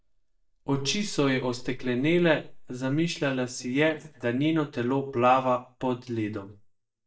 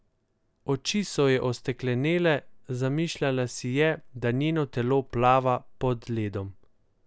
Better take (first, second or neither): second